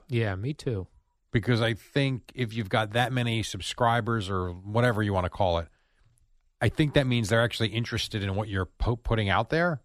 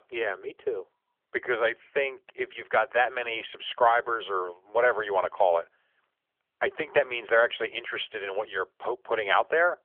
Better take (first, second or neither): first